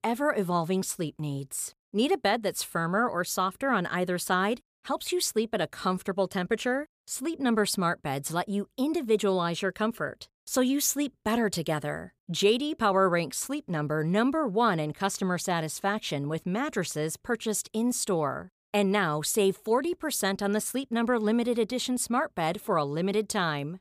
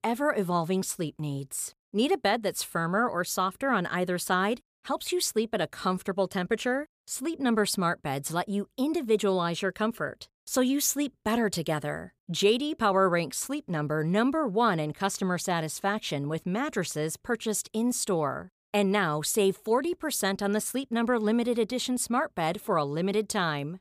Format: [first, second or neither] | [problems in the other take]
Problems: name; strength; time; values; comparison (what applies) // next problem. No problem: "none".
neither | none